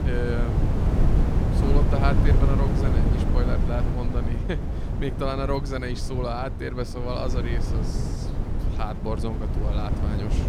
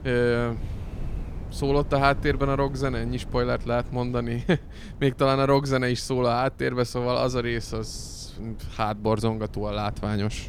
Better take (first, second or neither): second